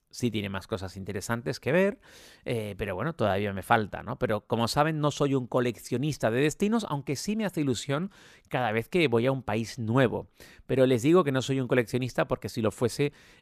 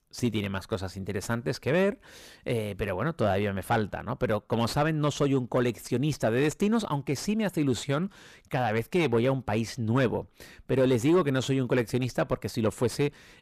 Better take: first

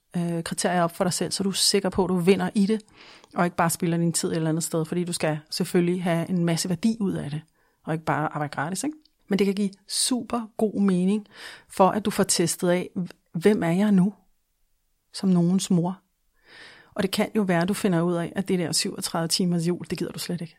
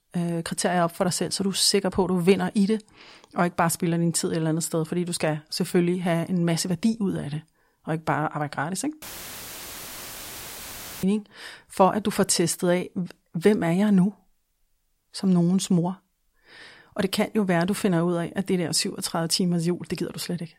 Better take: first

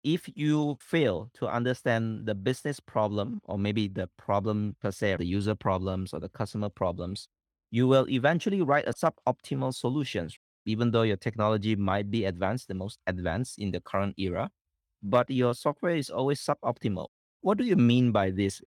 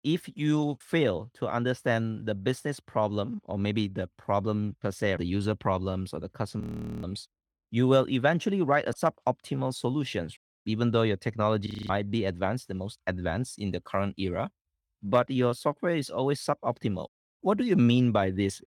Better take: first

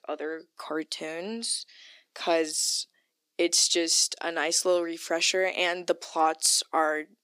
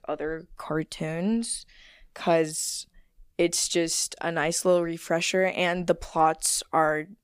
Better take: second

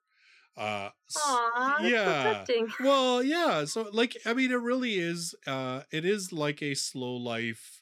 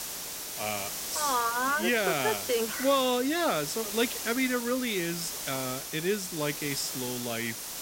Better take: first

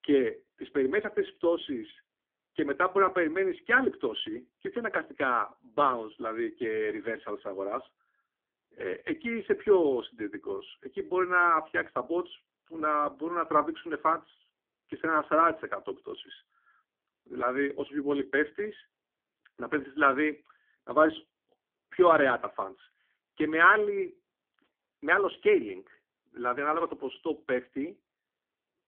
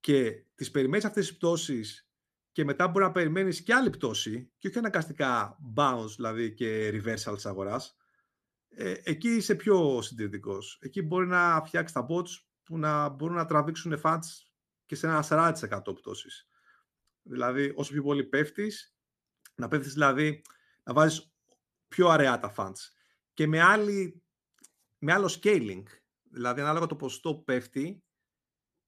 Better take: second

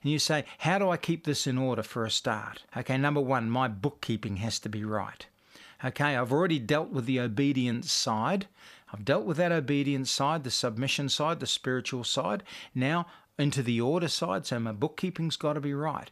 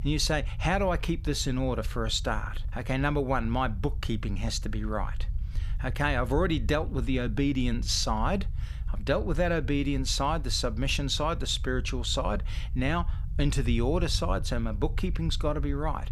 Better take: first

